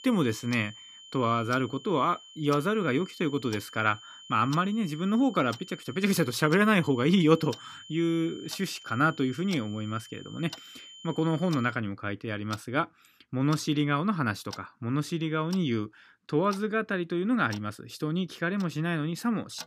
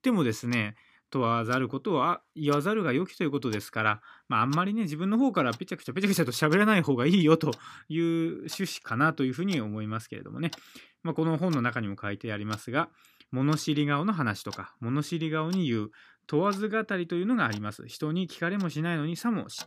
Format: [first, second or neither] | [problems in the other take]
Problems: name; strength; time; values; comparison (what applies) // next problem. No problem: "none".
second | high-pitched whine; noticeable; until 12 s; 3 kHz, 20 dB below the speech